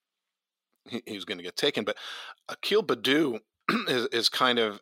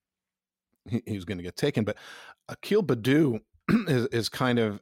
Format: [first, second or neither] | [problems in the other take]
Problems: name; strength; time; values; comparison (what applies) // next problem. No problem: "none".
second | thin; somewhat; fading below 350 Hz